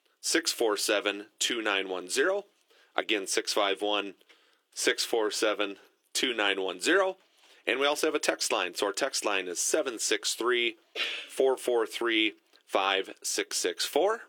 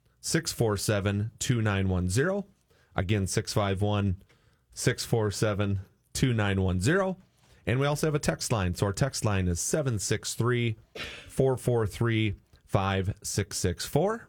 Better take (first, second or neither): second